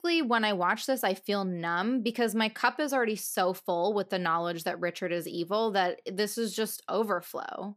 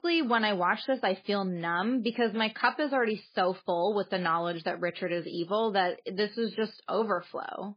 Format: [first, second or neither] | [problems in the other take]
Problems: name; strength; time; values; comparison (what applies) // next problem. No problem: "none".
first | garbled, watery; badly; nothing above 5 kHz